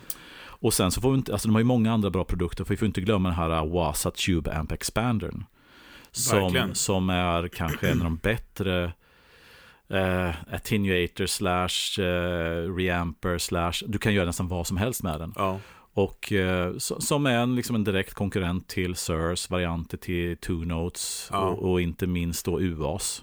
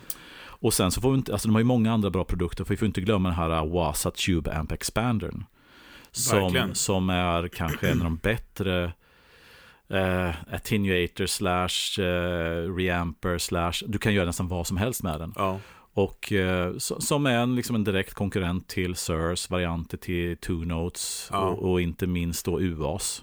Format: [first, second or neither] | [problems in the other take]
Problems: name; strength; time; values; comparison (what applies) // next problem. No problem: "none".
neither | none